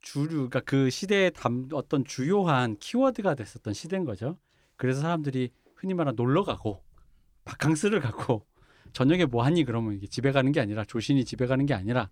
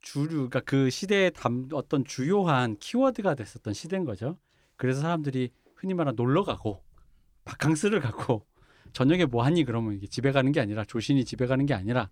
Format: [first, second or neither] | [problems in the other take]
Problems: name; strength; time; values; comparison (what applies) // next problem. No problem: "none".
neither | none